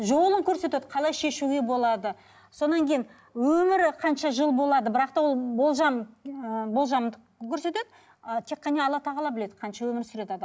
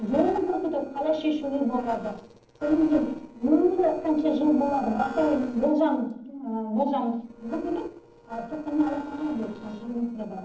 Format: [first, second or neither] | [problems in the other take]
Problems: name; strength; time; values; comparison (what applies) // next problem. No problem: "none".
first | noise reduction (neural separator model SepFormer DNS4)